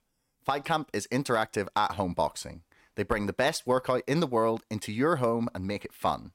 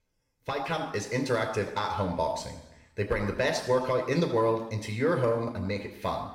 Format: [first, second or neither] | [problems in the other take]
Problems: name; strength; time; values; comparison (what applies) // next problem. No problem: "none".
first | room echo; noticeable; dies away in 0.9 s // off-mic speech; somewhat distant